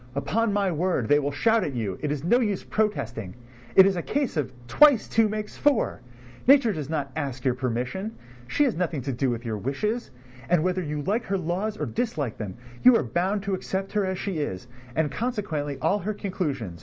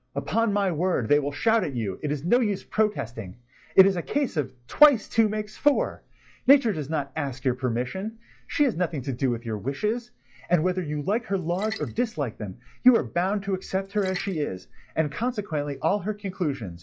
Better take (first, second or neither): first